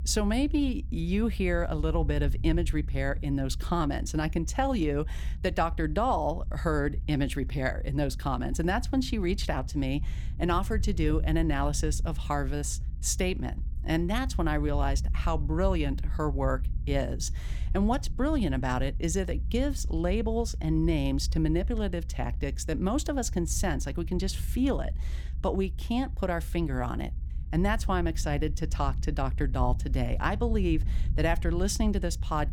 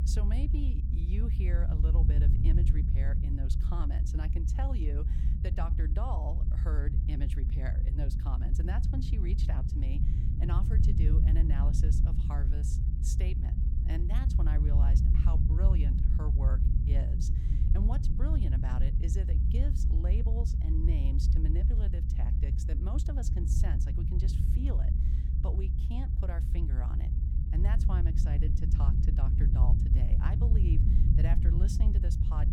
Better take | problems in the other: first | low rumble; loud; throughout; as loud as the speech; faint in the first

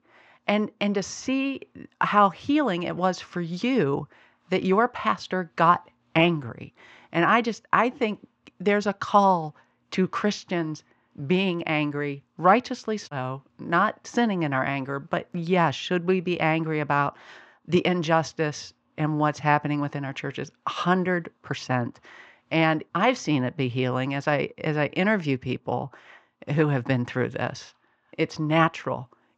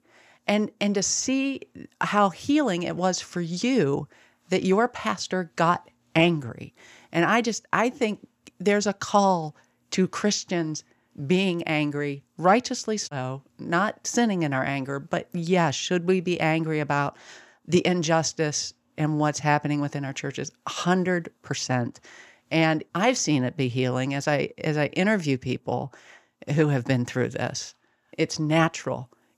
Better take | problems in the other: second | muffled; slightly; fading above 3 kHz

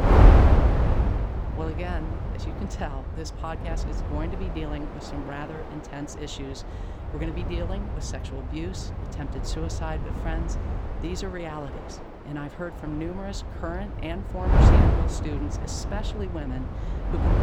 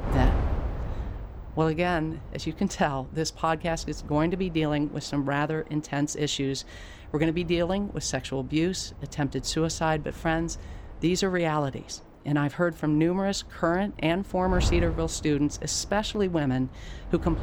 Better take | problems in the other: second | wind noise on the microphone; heavy; 3 dB above the speech; occasional gusts in the second

